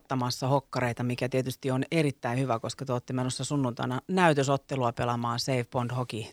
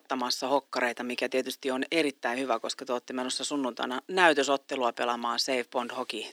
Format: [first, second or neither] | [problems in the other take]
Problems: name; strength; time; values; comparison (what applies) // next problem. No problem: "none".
first | thin; somewhat; fading below 250 Hz